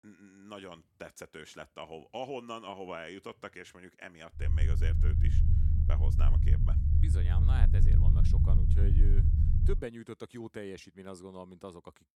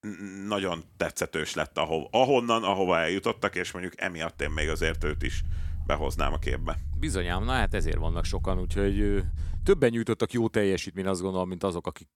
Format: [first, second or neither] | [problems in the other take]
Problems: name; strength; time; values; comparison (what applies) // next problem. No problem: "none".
second | low rumble; loud; from 4.5 to 10 s; 1 dB below the speech; faint in the second